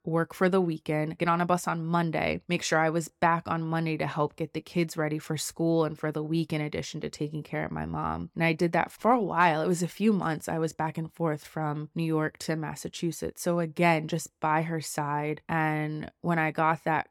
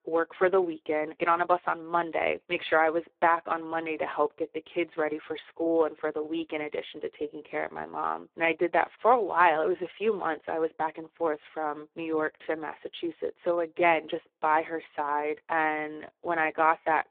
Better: first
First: none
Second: phone-call audio; poor line; nothing above 3.5 kHz

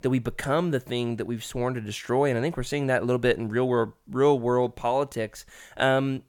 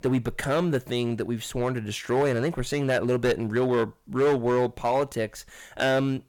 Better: first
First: none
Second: distortion; slight; 7% of the sound clipped

